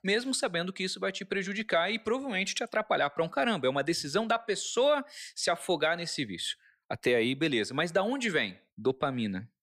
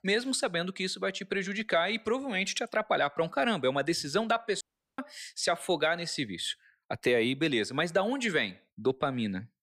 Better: first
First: none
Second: audio cutting out; at 4.5 s

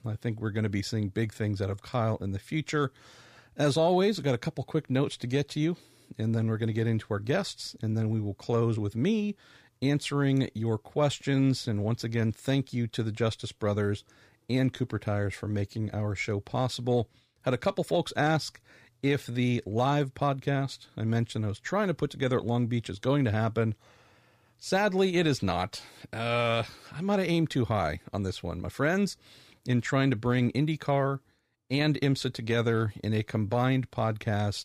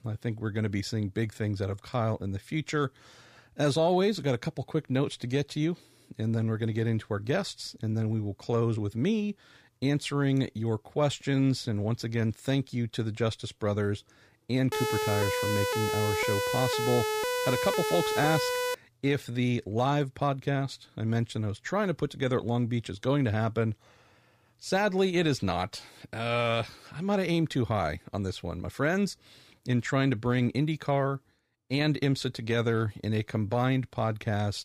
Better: first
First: none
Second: siren; loud; from 15 to 19 s; peak 1 dB above the speech

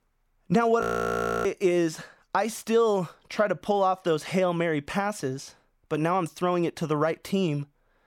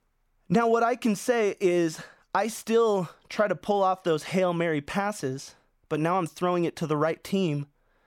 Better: second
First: audio freezing; at 1 s for 0.5 s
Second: none

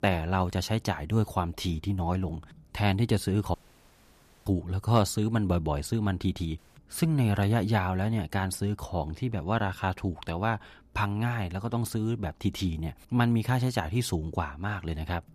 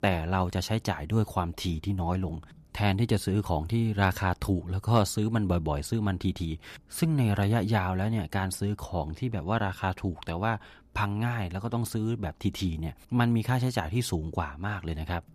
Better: second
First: audio cutting out; at 3.5 s for 1 s and at 6.5 s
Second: none

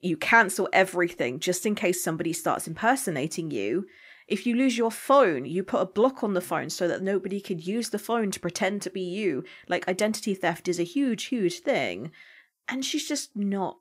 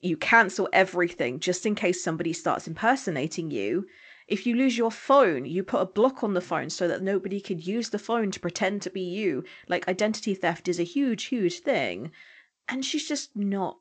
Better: first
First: none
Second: garbled, watery; slightly; nothing above 8 kHz

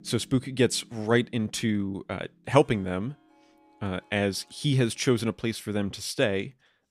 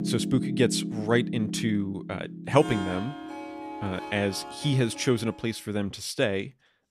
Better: first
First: background music; faint; until 5 s; 30 dB below the speech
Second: background music; loud; until 5 s; 7 dB below the speech

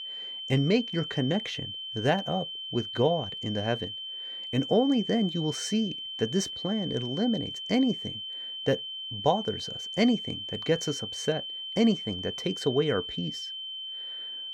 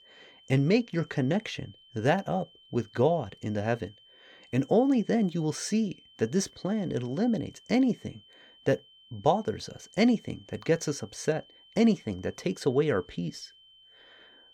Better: second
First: high-pitched whine; loud; throughout; 3 kHz, 6 dB below the speech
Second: high-pitched whine; faint; throughout; 3 kHz, 25 dB below the speech

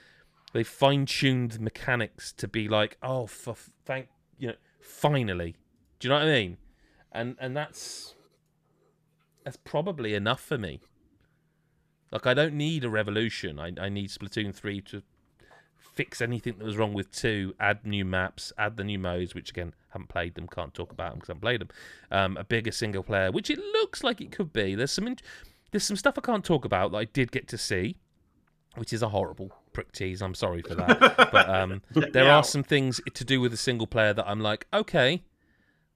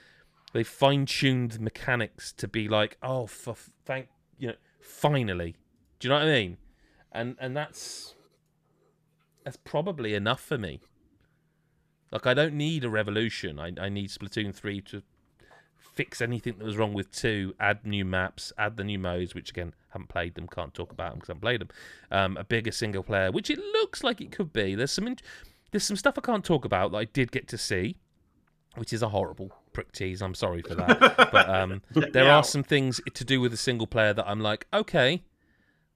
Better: neither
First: none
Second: none

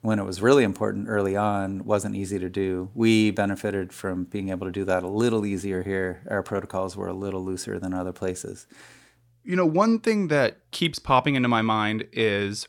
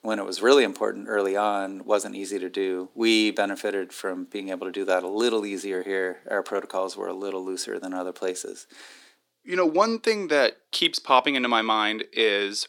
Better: first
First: none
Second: thin; somewhat; fading below 300 Hz

